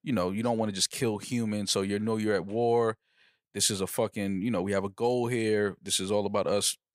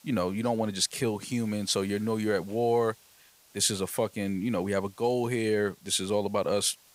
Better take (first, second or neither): first